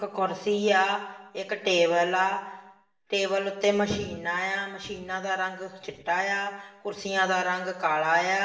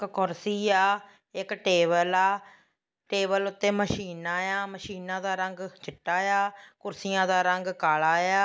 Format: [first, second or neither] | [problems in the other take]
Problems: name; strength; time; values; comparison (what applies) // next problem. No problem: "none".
second | room echo; dies away in 0.8 s